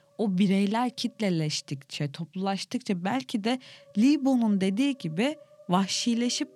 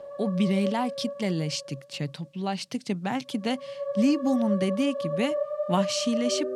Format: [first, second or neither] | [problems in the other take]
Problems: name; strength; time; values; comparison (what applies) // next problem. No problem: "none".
first | background music; loud; throughout; 4 dB below the speech; faint in the first